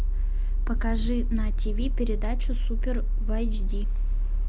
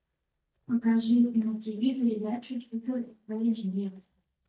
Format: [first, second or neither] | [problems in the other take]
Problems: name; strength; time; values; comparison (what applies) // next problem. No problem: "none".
first | noise reduction (neural mask model DeepFilterNet 3)